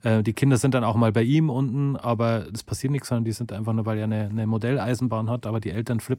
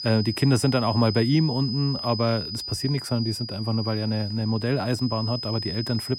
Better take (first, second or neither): first